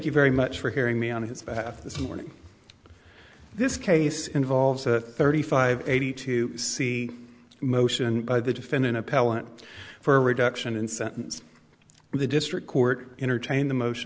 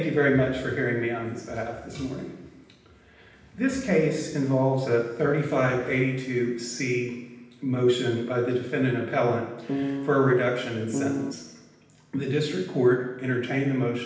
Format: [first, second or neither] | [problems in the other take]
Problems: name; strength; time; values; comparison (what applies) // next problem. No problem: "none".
first | background sound (Piano); 2 dB below the speech // room echo; dies away in 0.9 s